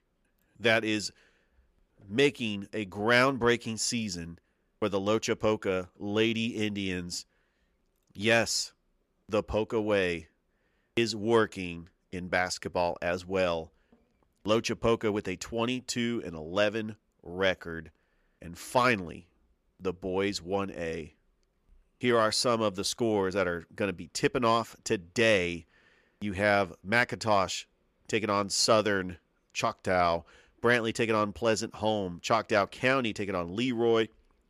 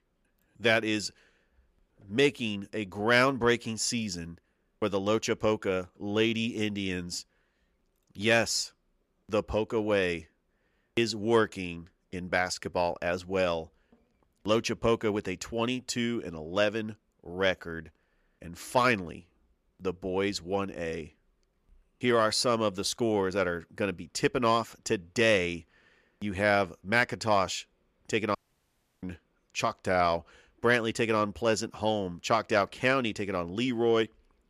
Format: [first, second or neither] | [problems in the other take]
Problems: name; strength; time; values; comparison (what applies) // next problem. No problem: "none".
first | audio cutting out; at 28 s for 0.5 s